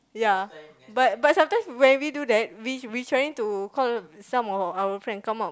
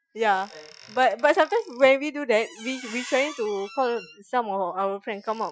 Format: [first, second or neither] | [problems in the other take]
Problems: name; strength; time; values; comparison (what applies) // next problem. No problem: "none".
first | noise reduction (classical method Wiener filter)